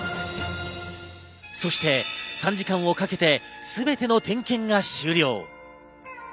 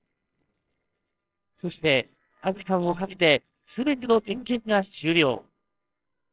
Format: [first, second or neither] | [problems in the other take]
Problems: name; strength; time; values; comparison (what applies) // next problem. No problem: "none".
first | noise reduction (neural separator model SepFormer WHAMR!)